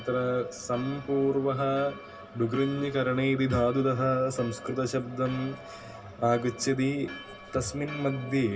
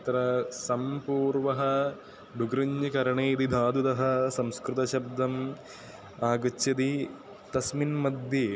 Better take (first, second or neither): second